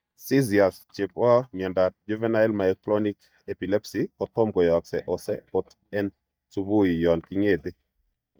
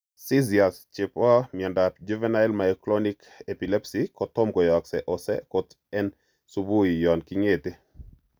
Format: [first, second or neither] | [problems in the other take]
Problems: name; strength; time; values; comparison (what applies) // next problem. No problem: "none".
second | noise reduction (neural mask model DeepFilterNet 3)